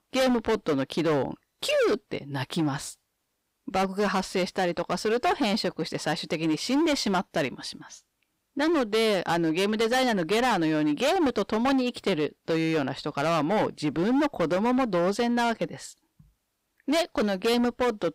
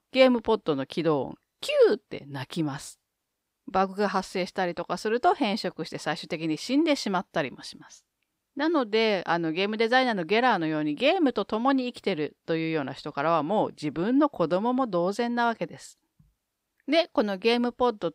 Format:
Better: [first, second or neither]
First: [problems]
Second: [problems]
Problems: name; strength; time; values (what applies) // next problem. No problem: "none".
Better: second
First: distortion; heavy; 17% of the sound clipped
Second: none